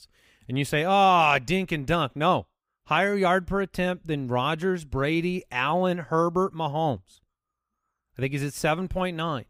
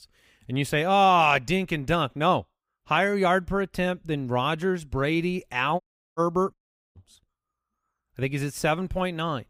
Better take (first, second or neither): first